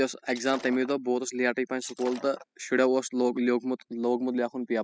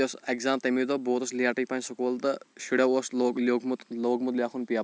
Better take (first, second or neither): second